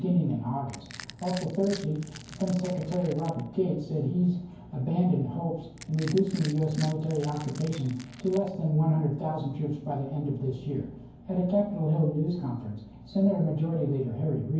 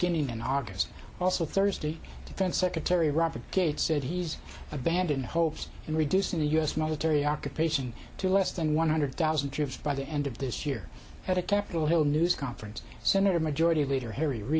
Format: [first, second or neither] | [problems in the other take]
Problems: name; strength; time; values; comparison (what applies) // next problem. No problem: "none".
second | background sound (Crushing); 19 dB below the speech // room echo; dies away in 0.9 s